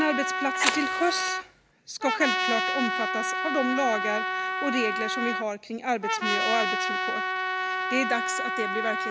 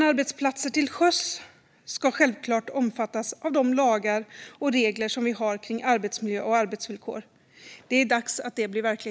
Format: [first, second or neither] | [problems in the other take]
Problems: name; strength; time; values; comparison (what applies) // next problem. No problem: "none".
second | background sound (Trumpet + Fire); 2 dB above the speech